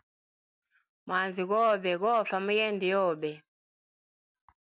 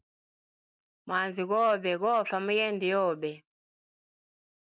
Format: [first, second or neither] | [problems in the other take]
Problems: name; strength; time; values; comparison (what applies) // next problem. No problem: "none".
first | noise reduction (neural mask model Resemble Enhance denoiser)